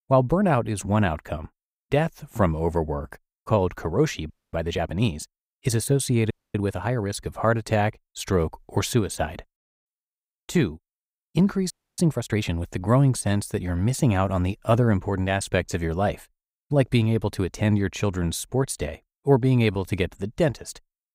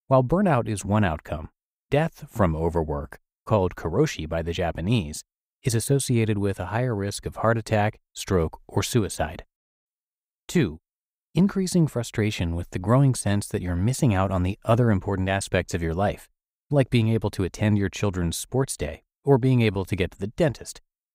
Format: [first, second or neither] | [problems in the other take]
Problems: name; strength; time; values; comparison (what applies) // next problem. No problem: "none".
second | audio freezing; at 4.5 s, at 6.5 s and at 12 s